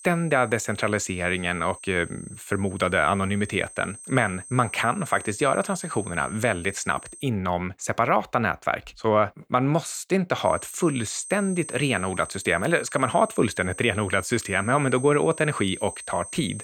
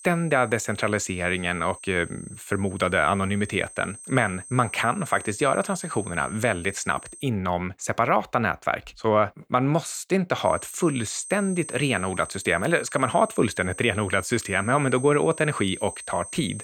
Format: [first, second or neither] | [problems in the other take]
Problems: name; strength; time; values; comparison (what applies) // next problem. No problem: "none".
neither | high-pitched whine; noticeable; until 7 s and from 10 s on; 8.5 kHz, 15 dB below the speech; the same in both